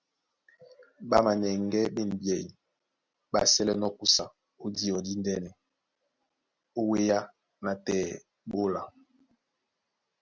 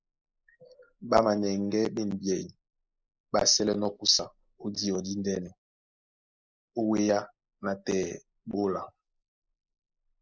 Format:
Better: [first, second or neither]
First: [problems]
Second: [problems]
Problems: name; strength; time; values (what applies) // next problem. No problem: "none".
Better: first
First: none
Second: noise reduction (neural mask model Resemble Enhance denoiser)